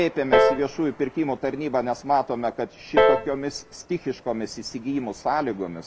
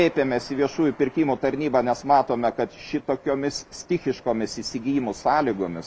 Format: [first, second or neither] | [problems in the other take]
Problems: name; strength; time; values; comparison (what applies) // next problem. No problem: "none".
second | background sound (Piano); as loud as the speech